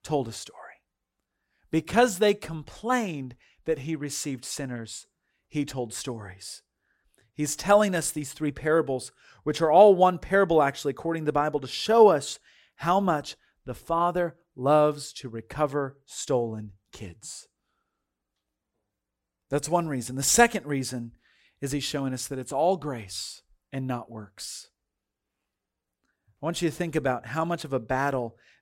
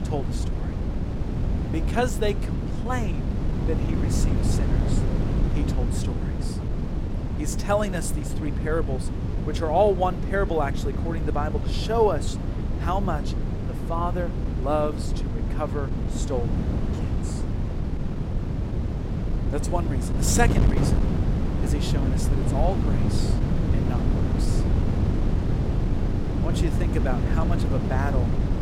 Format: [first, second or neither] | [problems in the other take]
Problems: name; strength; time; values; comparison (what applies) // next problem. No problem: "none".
first | wind noise on the microphone; heavy; 6 dB below the speech